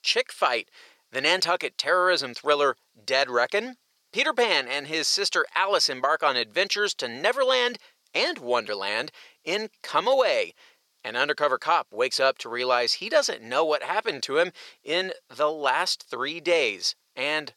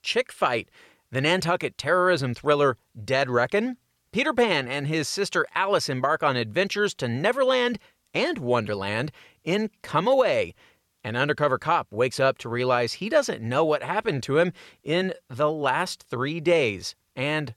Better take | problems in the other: second | thin; somewhat; fading below 450 Hz

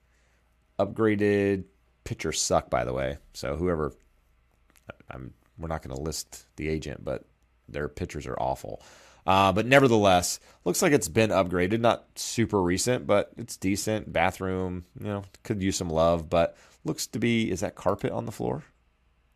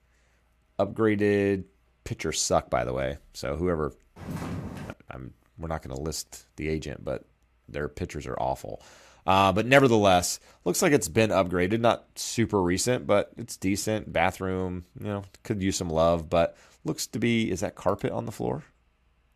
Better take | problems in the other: first | footsteps; noticeable; at 4 s; peak 8 dB below the speech

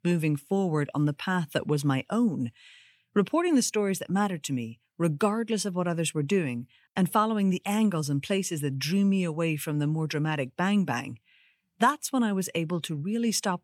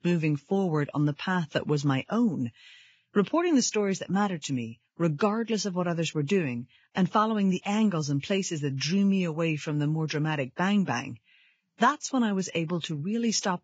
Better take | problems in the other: first | garbled, watery; badly; nothing above 7.5 kHz

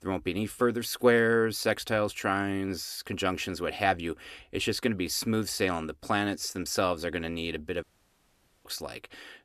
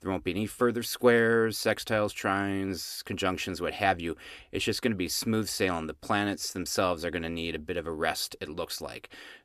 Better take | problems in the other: second | audio cutting out; at 8 s for 1 s

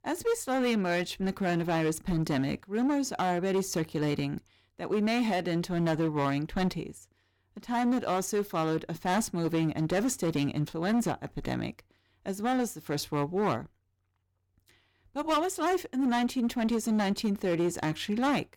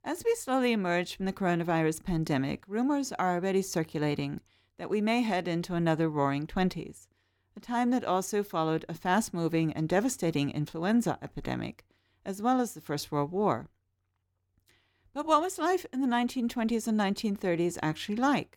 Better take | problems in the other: second | distortion; slight; 10% of the sound clipped

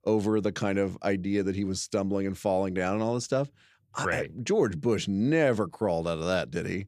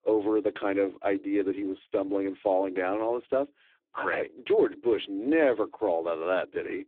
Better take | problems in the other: first | phone-call audio; poor line

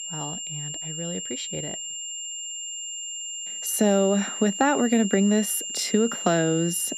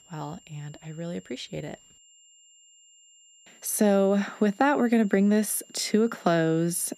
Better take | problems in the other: second | high-pitched whine; loud; throughout; 7.5 kHz, 7 dB below the speech; faint in the second

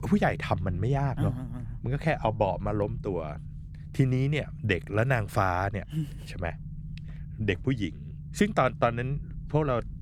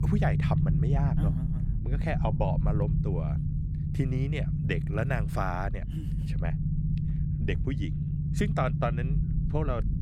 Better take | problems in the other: first | low rumble; loud; throughout; 5 dB below the speech; faint in the first

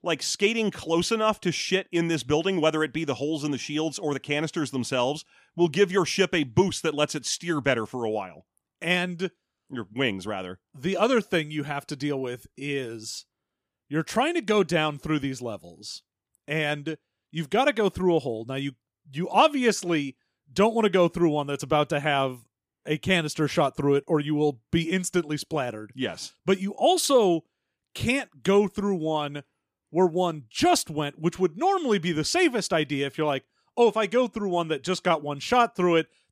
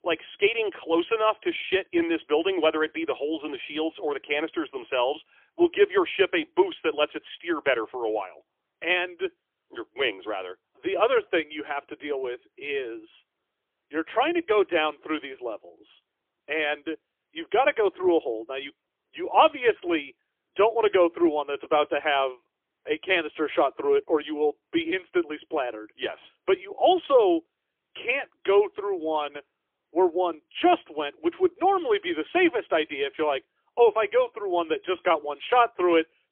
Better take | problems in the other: first | phone-call audio; poor line; nothing above 3.5 kHz

